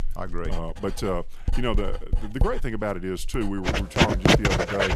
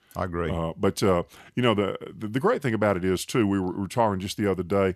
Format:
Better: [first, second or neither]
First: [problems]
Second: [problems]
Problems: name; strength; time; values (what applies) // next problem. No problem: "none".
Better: second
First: household noises; very loud; throughout; 5 dB above the speech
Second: none